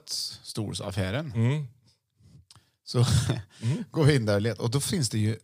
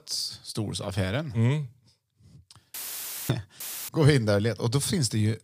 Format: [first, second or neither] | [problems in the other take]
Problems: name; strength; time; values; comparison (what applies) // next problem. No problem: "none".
first | audio cutting out; filled with static; at 2.5 s for 0.5 s and at 3.5 s